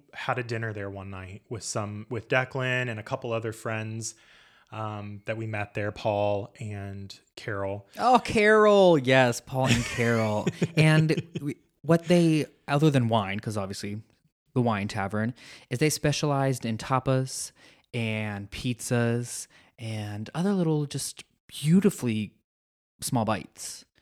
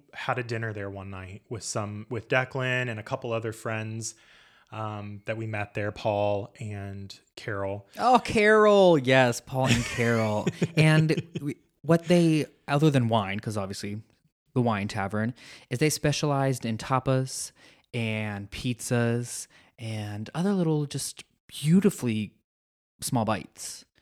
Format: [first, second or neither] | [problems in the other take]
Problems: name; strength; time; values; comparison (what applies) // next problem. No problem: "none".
neither | none